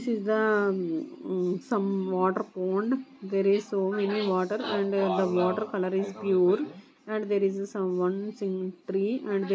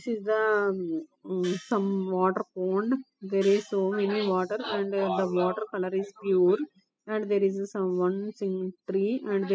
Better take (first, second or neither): first